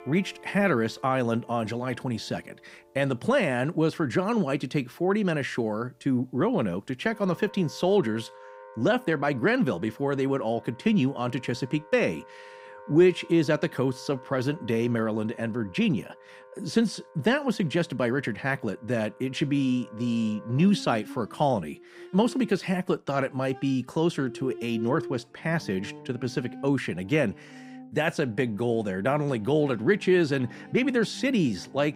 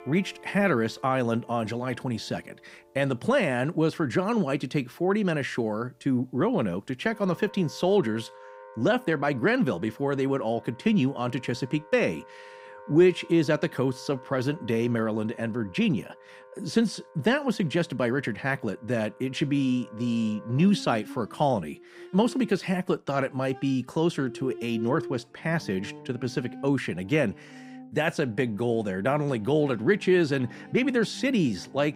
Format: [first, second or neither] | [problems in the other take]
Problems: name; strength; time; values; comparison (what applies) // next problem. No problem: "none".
neither | background music; noticeable; throughout; 20 dB below the speech; the same in both